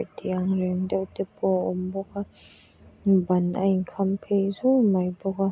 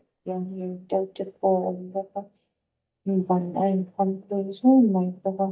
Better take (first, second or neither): first